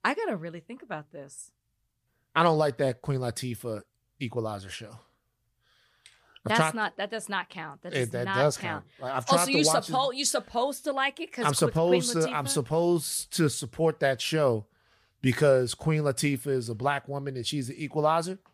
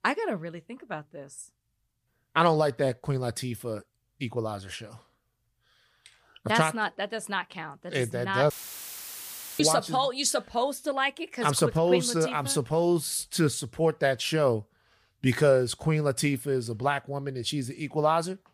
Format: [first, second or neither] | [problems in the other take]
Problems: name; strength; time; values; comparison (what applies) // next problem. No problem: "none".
first | audio cutting out; filled with static; at 8.5 s for 1 s